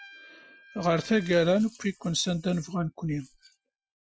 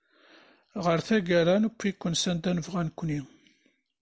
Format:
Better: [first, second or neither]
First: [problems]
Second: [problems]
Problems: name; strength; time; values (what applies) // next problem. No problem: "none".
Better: second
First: noise reduction (classical method Wiener filter)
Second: none